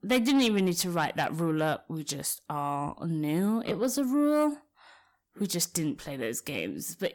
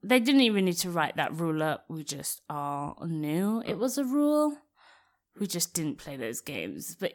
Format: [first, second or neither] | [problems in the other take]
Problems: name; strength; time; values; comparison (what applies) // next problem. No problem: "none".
second | distortion; slight; 10 dB below the speech